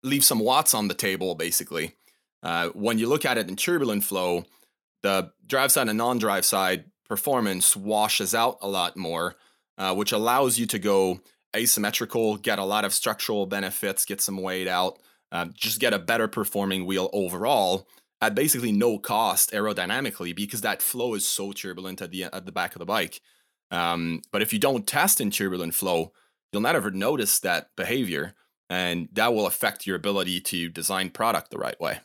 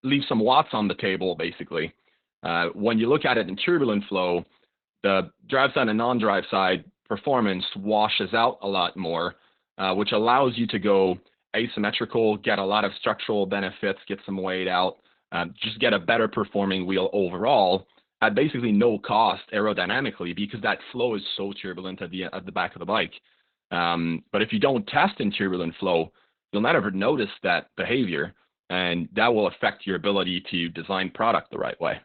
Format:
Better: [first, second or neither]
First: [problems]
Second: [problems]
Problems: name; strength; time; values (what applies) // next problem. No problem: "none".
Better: first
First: none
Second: garbled, watery; badly; nothing above 4 kHz